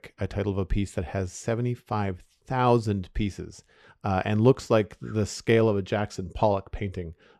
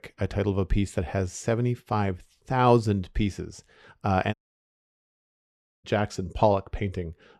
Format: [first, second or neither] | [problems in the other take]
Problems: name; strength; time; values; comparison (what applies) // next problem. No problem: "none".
first | audio cutting out; at 4.5 s for 1.5 s